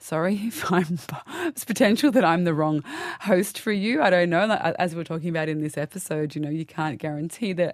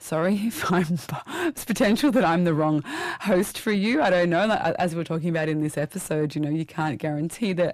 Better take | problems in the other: first | distortion; slight; 10 dB below the speech

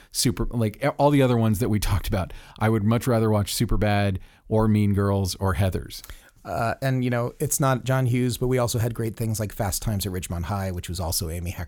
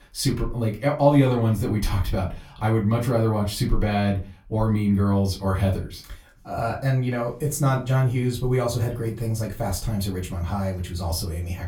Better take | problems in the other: first | off-mic speech; far // room echo; very slight; dies away in 0.2 s

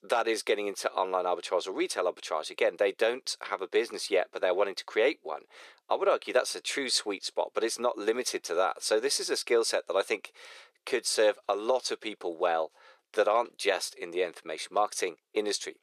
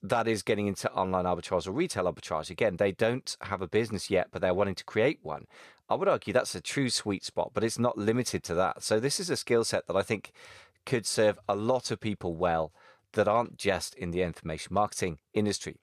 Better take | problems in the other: second | thin; somewhat; fading below 350 Hz

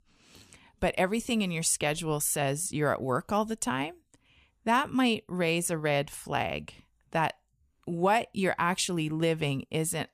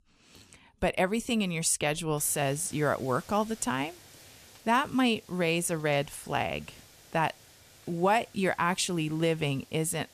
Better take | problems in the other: first | hiss; faint; from 2 s on; 25 dB below the speech

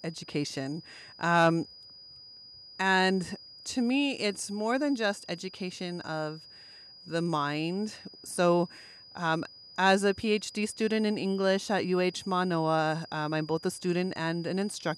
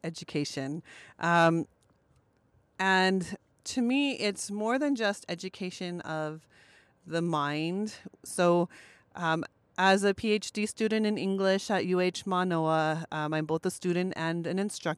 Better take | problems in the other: second | high-pitched whine; noticeable; throughout; 5 kHz, 20 dB below the speech

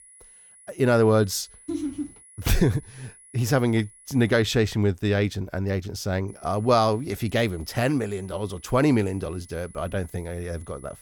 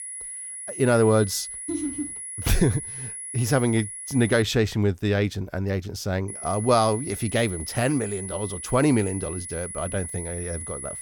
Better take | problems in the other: first | high-pitched whine; loud; until 4.5 s and from 6.5 s on; 10 kHz, 8 dB below the speech; faint in the first

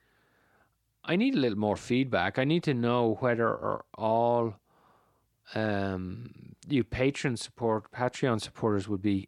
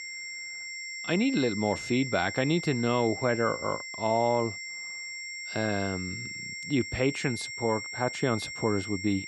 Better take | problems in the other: first | high-pitched whine; loud; throughout; 2 kHz, 7 dB below the speech

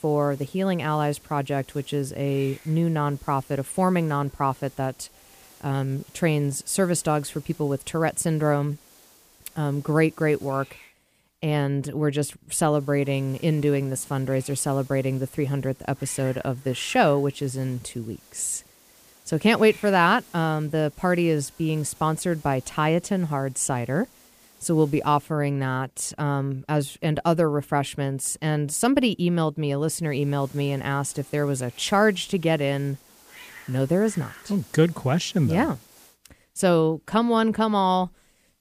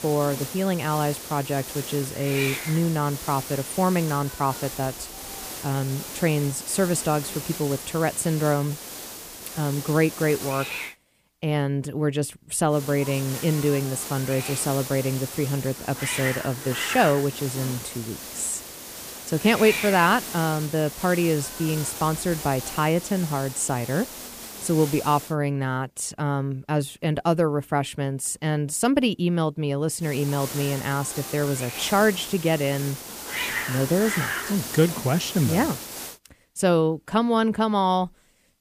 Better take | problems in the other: first | hiss; loud; until 11 s, from 13 to 25 s and from 30 to 36 s; 8 dB below the speech; faint in the first

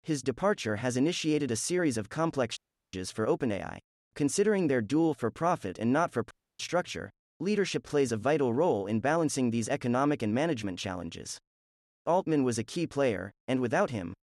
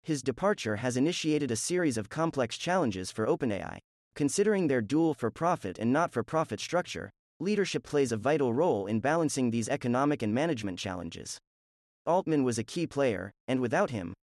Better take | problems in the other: second | audio cutting out; at 2.5 s and at 6.5 s

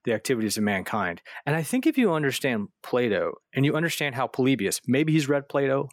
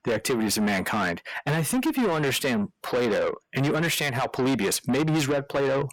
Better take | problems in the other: first | distortion; heavy; 7 dB below the speech

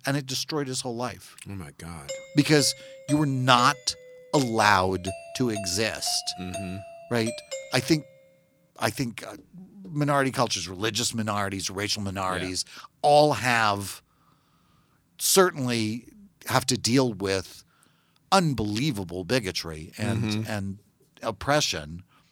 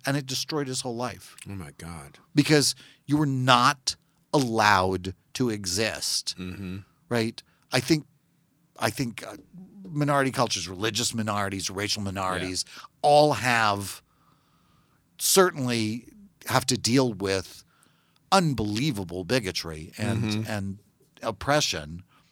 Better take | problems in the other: second | doorbell; noticeable; from 2 to 8 s; peak 10 dB below the speech

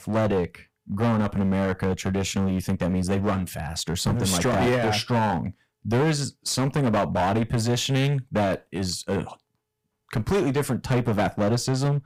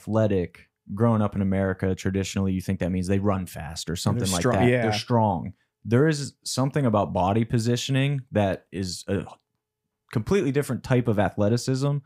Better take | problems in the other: second | distortion; heavy; 15% of the sound clipped

